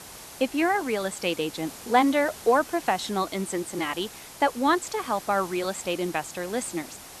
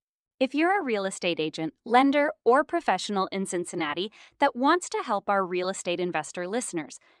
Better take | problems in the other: second | hiss; noticeable; throughout; 15 dB below the speech

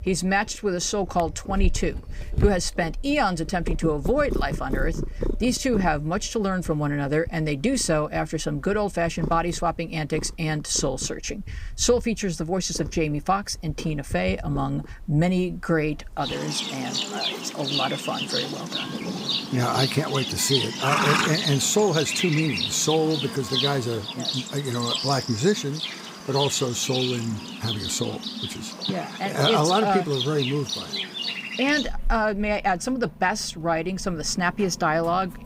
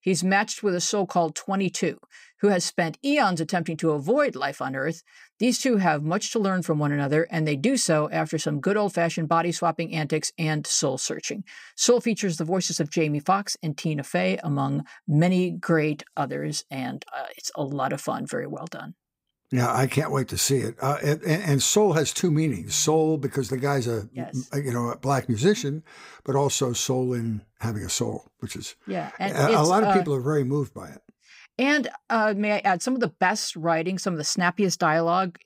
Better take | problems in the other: second | animal sounds; loud; throughout; 4 dB below the speech

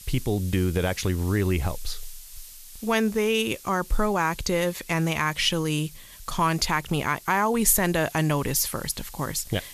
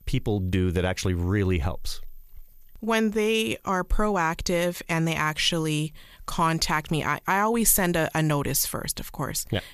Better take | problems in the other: second | hiss; noticeable; throughout; 20 dB below the speech

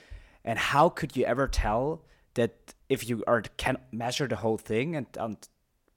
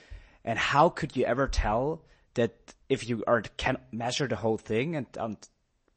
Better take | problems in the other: first | garbled, watery; slightly; nothing above 8 kHz

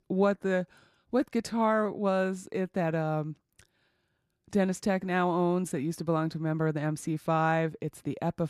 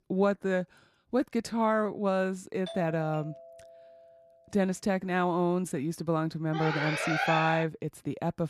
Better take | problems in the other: first | doorbell; faint; from 2.5 to 4 s; peak 10 dB below the speech // alarm; loud; from 6.5 to 7.5 s; peak 1 dB above the speech

